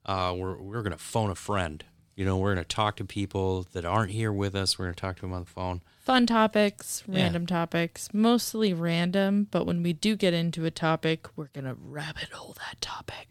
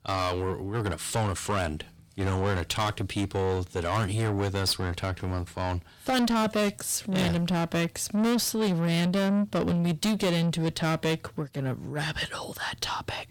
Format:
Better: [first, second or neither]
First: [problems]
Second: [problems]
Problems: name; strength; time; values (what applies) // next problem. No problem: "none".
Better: first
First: none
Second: distortion; heavy; 6 dB below the speech